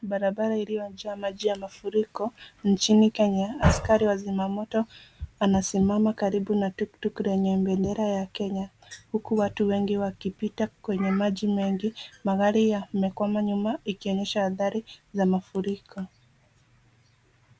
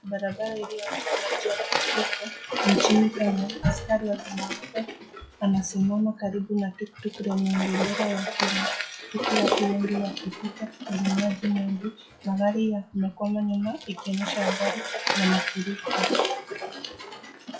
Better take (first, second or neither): first